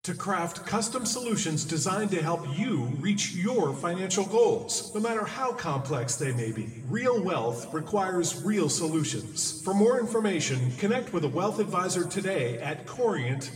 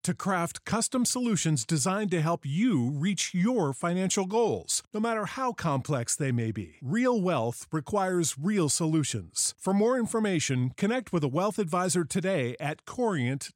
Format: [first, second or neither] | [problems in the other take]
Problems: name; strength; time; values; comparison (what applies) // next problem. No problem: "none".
second | room echo; noticeable; dies away in 1.6 s // off-mic speech; somewhat distant